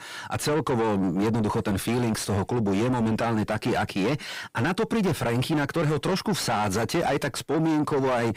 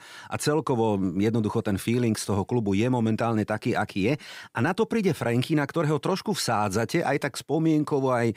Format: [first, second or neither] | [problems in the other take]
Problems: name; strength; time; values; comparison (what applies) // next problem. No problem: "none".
second | distortion; heavy; 7 dB below the speech